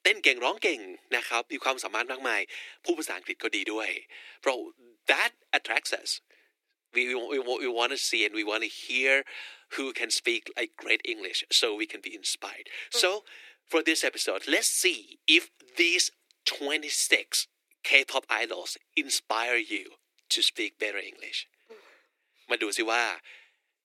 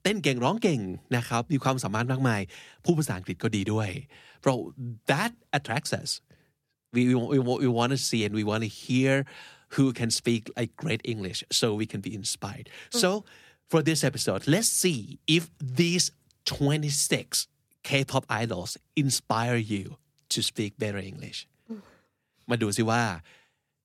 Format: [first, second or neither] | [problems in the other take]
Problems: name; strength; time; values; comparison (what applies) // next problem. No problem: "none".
second | thin; very; fading below 300 Hz